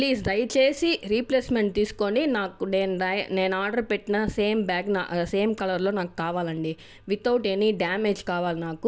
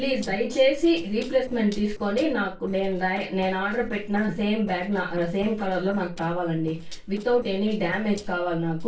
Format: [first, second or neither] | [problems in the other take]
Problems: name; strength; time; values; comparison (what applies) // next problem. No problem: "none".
first | noise reduction (neural separator model SepFormer DNS4)